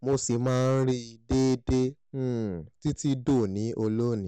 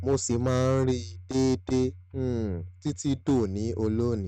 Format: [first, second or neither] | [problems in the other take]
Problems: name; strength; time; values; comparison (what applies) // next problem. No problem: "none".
first | noise reduction (neural mask model RNNoise)